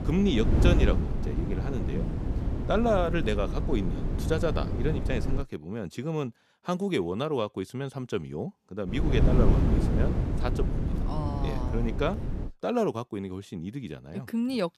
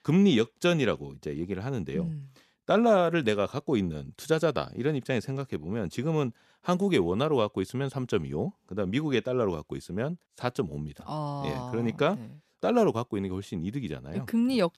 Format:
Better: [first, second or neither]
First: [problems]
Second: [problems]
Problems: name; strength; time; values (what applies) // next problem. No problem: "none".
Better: second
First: wind noise on the microphone; heavy; until 5.5 s and from 9 to 12 s; 5 dB below the speech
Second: none